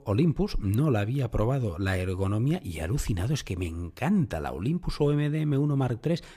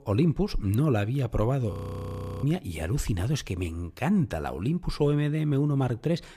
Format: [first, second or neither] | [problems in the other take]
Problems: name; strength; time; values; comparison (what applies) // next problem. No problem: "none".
first | audio freezing; at 1.5 s for 0.5 s